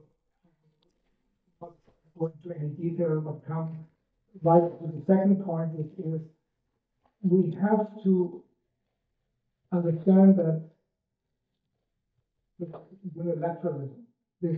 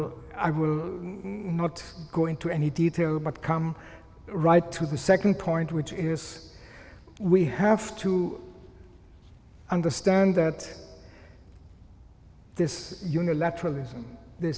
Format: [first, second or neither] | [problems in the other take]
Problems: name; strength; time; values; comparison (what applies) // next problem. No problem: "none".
second | noise reduction (neural mask model DeepFilterNet 3)